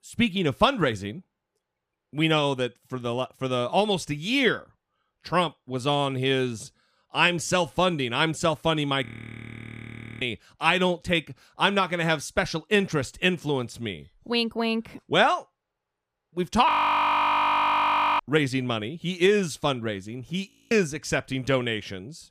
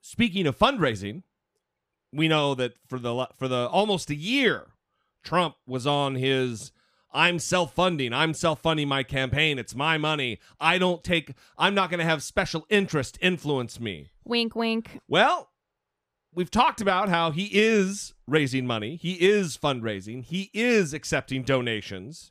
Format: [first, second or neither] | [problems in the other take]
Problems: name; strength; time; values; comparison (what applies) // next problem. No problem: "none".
second | audio freezing; at 9 s for 1 s, at 17 s for 1.5 s and at 20 s